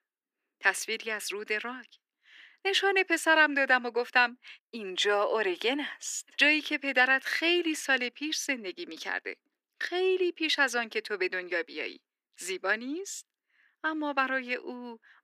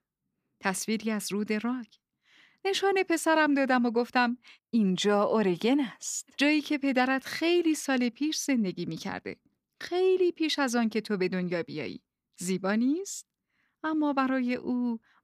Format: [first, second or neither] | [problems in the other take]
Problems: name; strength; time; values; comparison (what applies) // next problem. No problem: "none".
second | thin; somewhat; fading below 300 Hz